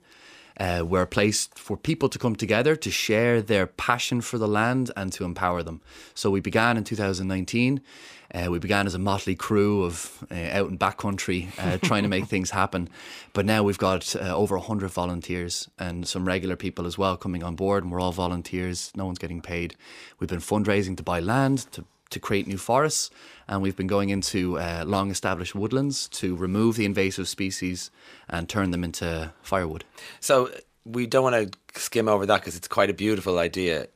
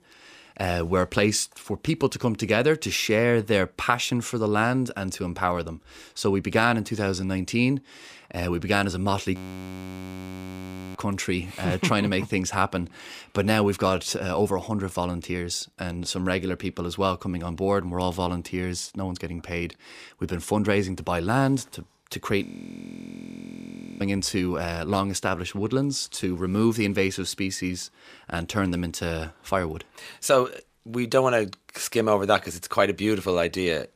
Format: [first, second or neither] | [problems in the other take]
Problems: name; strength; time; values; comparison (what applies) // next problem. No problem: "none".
first | audio freezing; at 9.5 s for 1.5 s and at 22 s for 1.5 s